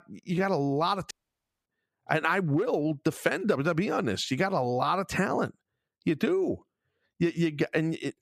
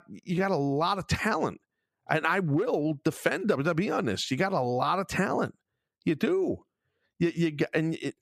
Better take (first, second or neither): second